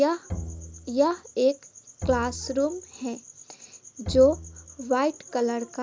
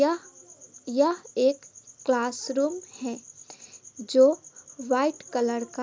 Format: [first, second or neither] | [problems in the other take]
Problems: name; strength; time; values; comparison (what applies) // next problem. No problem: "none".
second | background sound (Bowed string instrument); 13 dB below the speech